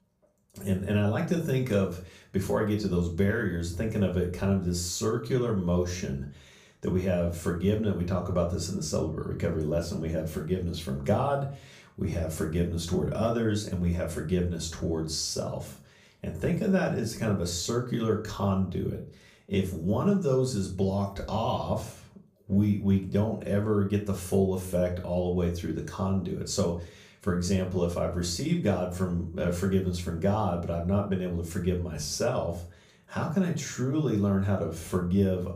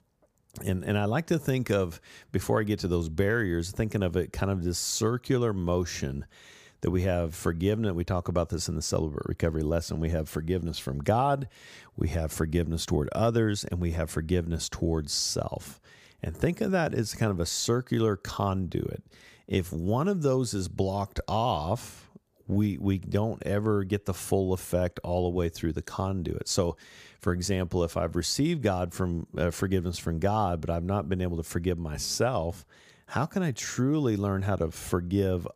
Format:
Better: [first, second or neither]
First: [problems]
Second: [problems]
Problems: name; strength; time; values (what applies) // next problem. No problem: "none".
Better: second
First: off-mic speech; far // room echo; slight; dies away in 0.3 s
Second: none